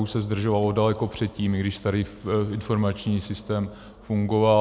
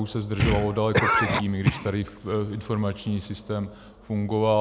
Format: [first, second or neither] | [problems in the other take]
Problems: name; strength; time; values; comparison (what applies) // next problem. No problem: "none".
first | background sound (Cough); 1 dB below the speech